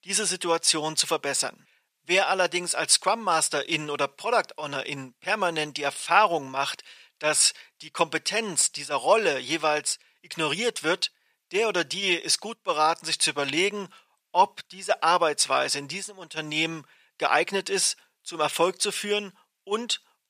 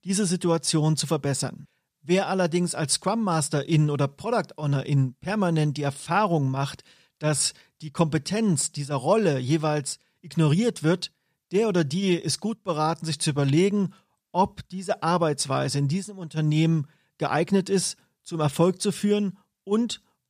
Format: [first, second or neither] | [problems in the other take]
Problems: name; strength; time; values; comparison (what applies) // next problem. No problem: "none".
second | thin; very; fading below 600 Hz